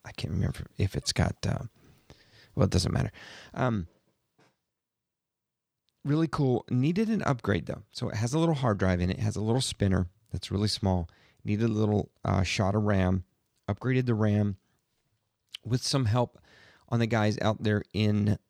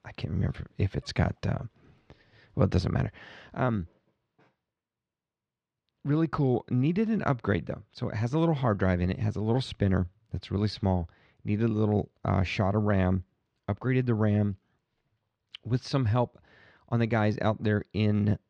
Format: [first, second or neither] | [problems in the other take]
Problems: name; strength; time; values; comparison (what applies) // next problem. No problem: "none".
first | muffled; slightly; fading above 3 kHz